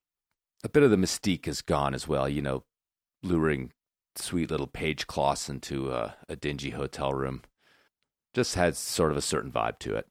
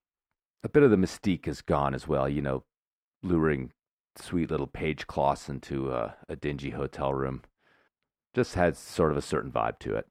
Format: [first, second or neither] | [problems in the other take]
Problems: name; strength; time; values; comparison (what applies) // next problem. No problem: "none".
first | muffled; slightly; fading above 3 kHz